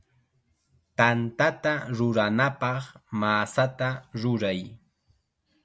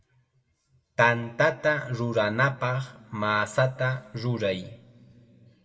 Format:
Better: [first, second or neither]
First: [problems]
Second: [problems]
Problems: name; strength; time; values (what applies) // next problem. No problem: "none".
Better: first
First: none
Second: room echo; dies away in 1.3 s